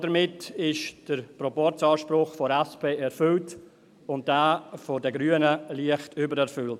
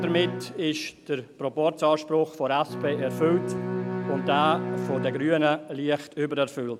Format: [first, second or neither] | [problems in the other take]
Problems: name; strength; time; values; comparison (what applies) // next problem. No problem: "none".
first | background sound (Bowed string instrument); 7 dB below the speech